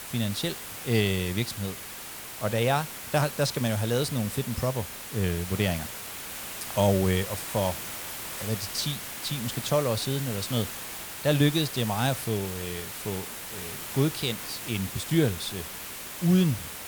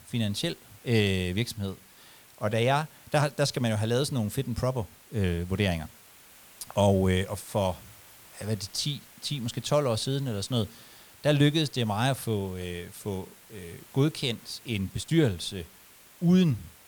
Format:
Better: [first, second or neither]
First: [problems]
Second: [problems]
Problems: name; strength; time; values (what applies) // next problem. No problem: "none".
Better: second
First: hiss; loud; throughout; 7 dB below the speech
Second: hiss; faint; throughout; 20 dB below the speech